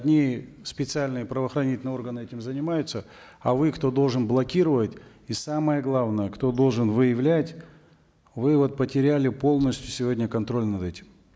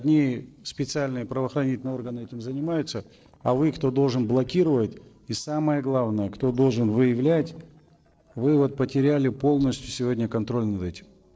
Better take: first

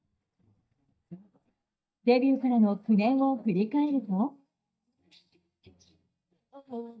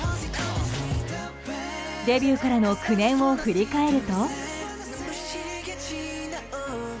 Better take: second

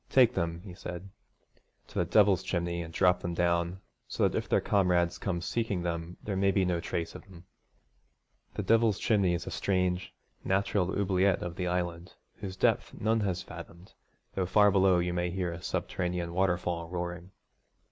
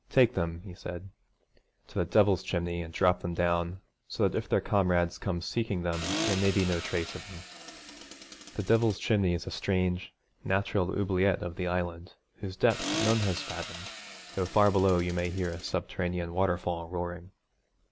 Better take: first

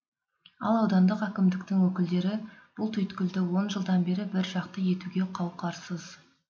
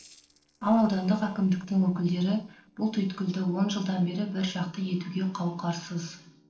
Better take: first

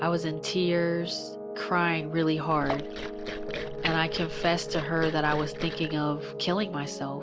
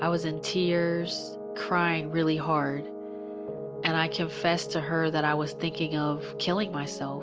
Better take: second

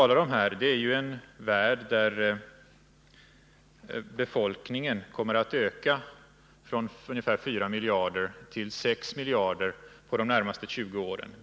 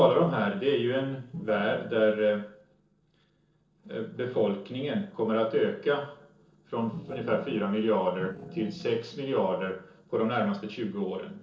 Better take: first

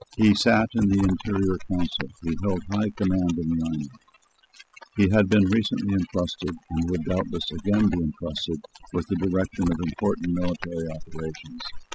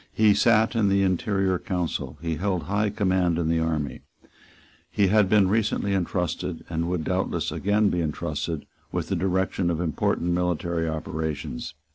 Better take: second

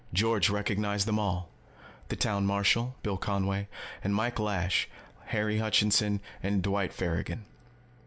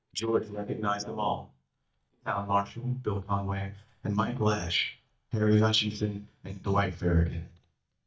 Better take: first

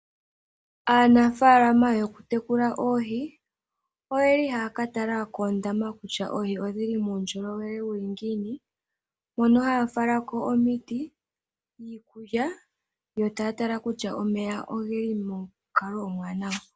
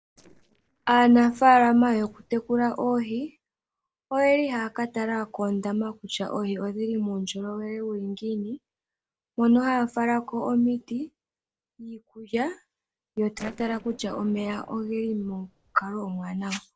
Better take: first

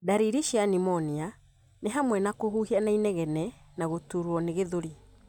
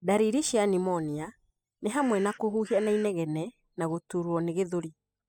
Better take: first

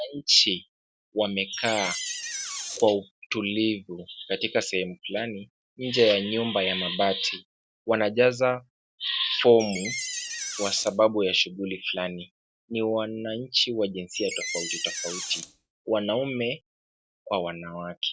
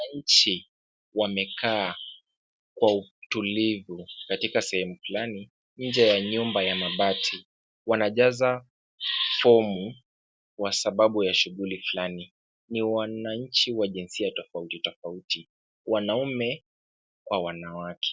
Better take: second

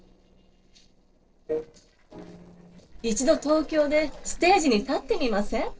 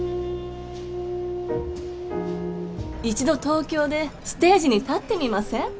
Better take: second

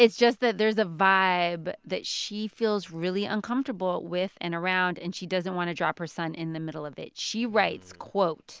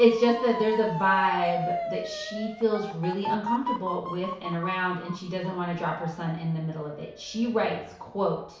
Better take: first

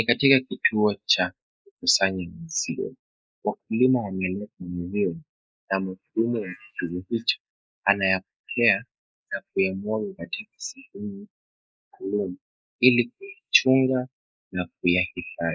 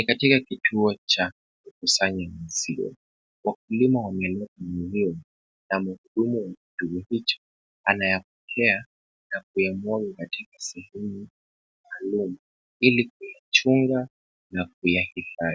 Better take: second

